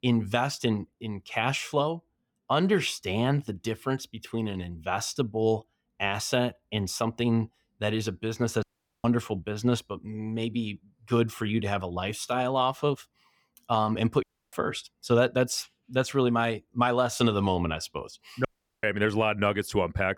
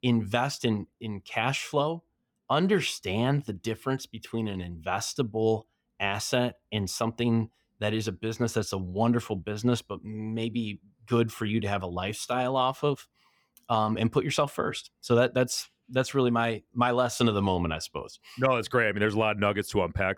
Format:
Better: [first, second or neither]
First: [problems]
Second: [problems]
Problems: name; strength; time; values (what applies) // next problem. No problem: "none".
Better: second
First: audio cutting out; at 8.5 s, at 14 s and at 18 s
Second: none